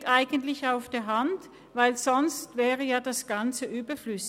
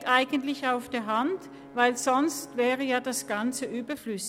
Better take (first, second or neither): first